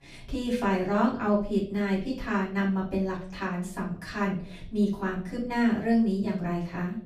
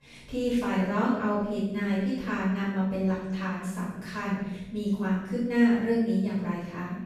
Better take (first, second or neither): first